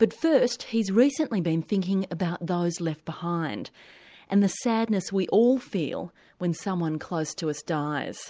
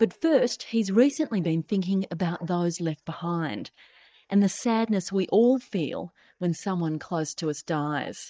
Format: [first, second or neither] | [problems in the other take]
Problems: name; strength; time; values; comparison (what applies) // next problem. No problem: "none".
first | noise reduction (neural mask model DeepFilterNet 3)